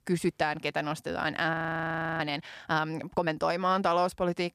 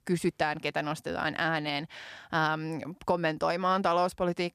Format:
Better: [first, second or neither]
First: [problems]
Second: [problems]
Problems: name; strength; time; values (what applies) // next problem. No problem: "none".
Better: second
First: audio freezing; at 1.5 s for 0.5 s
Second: none